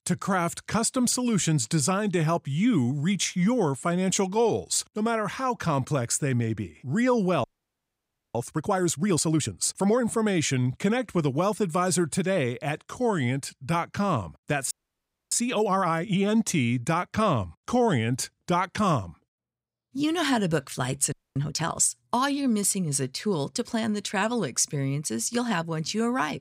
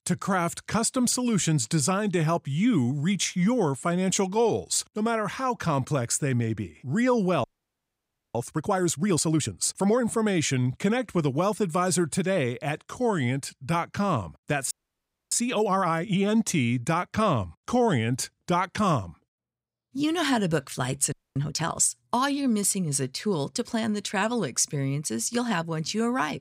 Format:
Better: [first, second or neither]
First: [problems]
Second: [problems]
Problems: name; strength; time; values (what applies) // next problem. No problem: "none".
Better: neither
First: audio freezing; at 7.5 s for 1 s, at 15 s for 0.5 s and at 21 s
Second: audio freezing; at 7.5 s for 1 s, at 15 s for 0.5 s and at 21 s